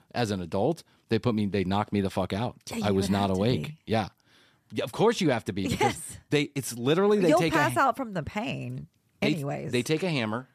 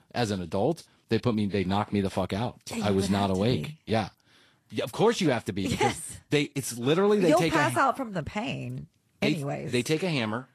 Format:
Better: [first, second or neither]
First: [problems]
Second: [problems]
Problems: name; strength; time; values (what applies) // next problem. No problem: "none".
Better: first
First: none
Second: garbled, watery; slightly; nothing above 12.5 kHz